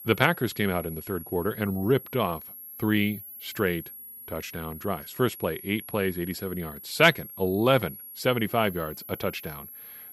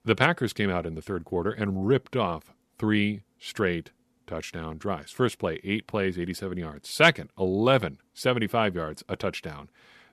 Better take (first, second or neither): second